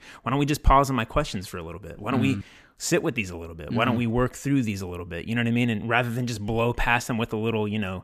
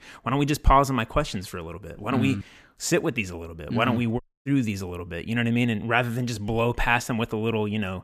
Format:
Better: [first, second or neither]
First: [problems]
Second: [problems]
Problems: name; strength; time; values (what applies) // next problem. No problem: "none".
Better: first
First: none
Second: audio cutting out; at 4 s